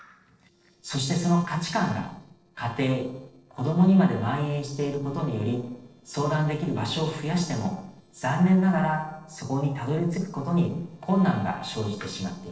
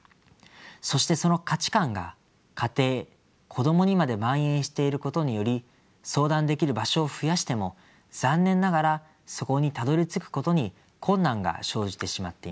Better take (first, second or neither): second